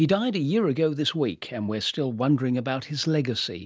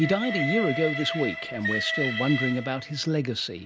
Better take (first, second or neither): first